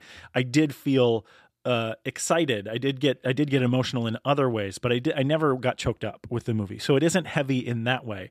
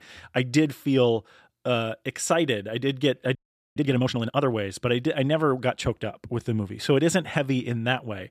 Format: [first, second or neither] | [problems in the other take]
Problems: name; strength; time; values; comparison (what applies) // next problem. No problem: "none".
first | audio freezing; at 3.5 s